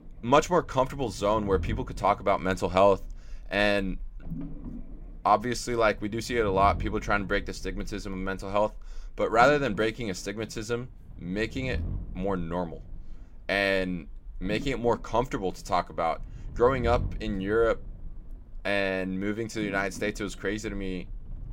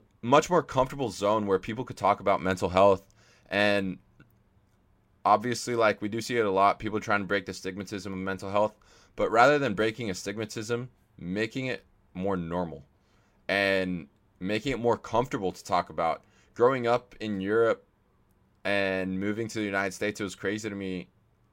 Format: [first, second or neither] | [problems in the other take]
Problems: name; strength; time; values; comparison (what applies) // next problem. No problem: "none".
second | low rumble; faint; throughout; 25 dB below the speech